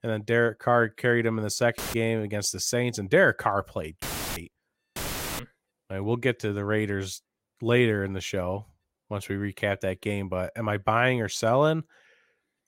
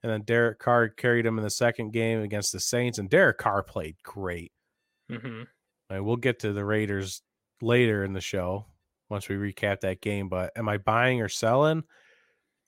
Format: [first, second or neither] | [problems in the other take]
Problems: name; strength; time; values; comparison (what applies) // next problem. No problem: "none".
second | audio cutting out; filled with static; at 2 s, at 4 s and at 5 s